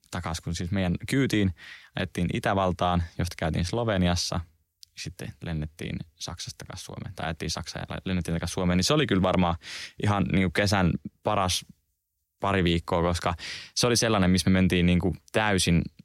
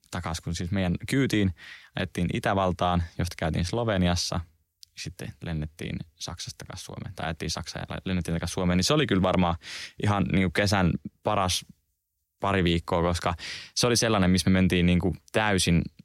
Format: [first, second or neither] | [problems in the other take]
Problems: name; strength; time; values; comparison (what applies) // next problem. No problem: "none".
neither | none